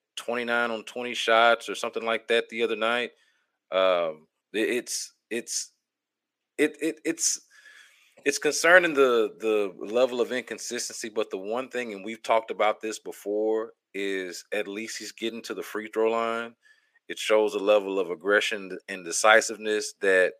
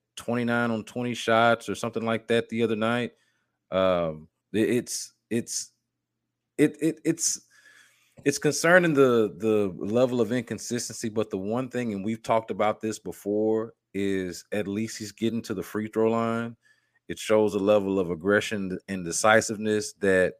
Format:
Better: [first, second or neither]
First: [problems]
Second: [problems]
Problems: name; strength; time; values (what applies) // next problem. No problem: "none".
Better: second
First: thin; somewhat; fading below 450 Hz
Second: none